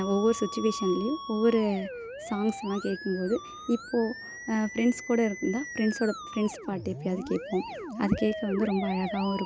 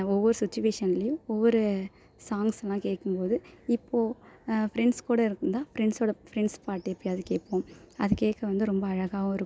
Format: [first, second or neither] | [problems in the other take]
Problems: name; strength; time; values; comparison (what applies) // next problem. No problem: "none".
second | background sound (Musical instrument); 10 dB below the speech